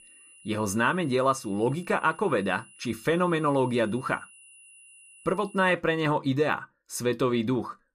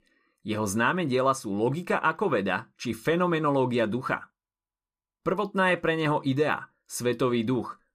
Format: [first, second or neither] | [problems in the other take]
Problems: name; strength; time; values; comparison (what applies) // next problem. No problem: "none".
second | high-pitched whine; faint; until 5.5 s; 3 kHz, 25 dB below the speech